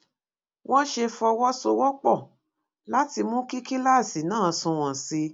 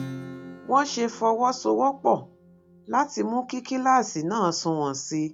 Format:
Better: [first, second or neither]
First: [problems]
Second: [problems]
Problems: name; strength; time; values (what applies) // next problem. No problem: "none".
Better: first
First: none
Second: background sound (Acoustic guitar / Strum); 19 dB below the speech